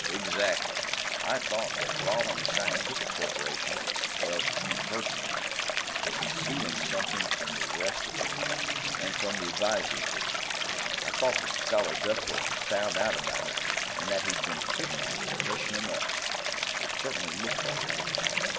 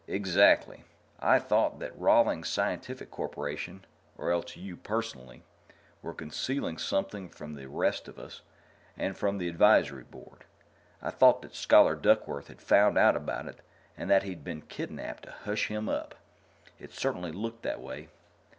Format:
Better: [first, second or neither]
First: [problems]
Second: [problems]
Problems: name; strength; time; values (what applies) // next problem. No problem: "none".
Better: second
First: background sound (Stream); 5 dB above the speech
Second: none